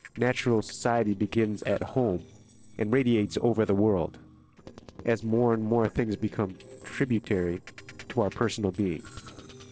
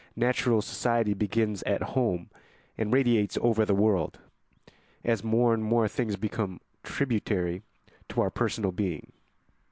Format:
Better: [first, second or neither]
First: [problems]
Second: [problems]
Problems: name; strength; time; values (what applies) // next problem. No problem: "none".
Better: second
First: noise reduction (neural separator model SepFormer DNS4)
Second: none